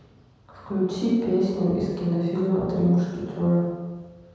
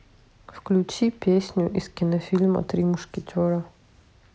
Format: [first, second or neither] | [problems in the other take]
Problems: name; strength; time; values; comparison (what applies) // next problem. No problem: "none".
second | room echo; dies away in 1.2 s